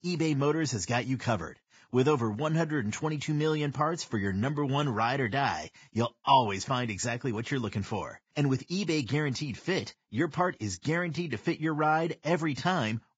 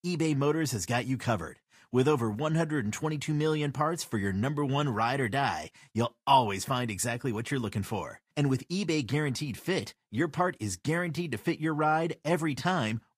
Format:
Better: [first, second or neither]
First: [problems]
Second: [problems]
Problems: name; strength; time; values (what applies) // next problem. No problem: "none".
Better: second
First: garbled, watery; badly; nothing above 7.5 kHz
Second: garbled, watery; slightly; nothing above 15.5 kHz